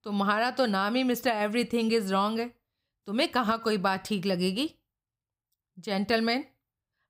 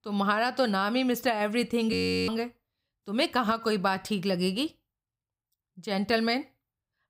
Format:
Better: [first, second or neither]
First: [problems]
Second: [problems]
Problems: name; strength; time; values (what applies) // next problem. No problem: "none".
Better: first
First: none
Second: audio freezing; at 2 s